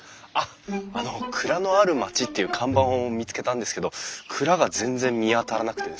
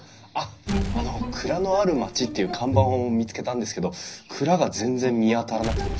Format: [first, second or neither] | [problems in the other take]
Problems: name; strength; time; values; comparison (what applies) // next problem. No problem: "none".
first | background sound (Explosion); 11 dB below the speech // room echo; dies away in 0.5 s